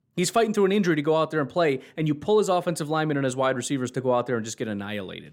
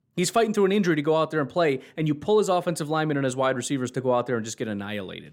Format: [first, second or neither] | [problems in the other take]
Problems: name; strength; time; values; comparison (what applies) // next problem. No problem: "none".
neither | none